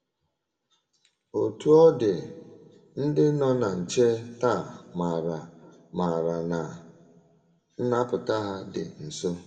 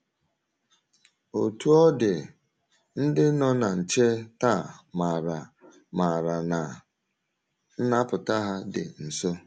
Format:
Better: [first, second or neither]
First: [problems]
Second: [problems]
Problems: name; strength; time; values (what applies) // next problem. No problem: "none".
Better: second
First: room echo; dies away in 1.2 s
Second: none